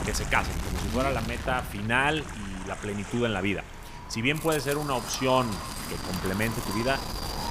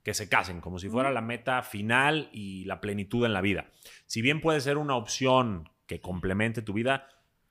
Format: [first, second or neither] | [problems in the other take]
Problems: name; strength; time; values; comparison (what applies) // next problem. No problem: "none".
second | wind noise on the microphone; heavy; 8 dB below the speech